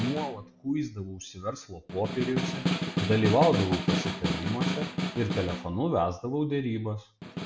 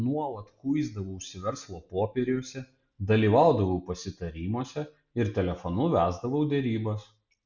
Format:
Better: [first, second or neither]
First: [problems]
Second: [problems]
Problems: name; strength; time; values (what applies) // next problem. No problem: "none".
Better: second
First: background sound (Snare drum); 2 dB below the speech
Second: none